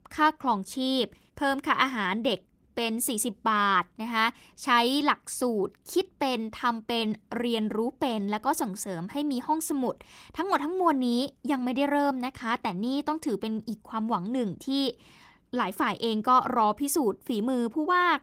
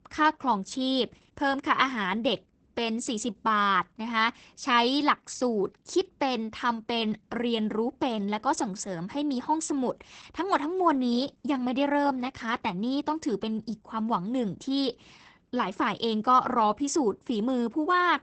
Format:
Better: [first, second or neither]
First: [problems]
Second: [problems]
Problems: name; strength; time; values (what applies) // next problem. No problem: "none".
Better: first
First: garbled, watery; slightly; nothing above 16 kHz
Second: garbled, watery; badly; nothing above 8 kHz